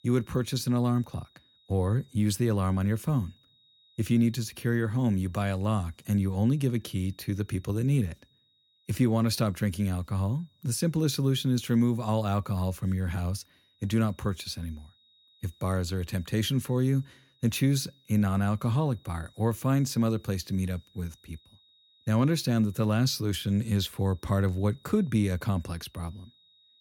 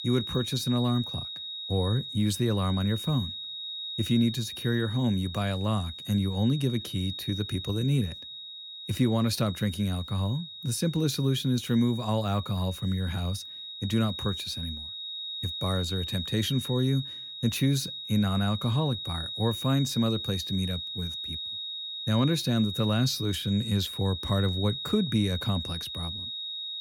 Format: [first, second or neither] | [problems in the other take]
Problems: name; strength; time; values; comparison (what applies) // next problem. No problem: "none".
first | high-pitched whine; loud; throughout; 4 kHz, 7 dB below the speech; faint in the first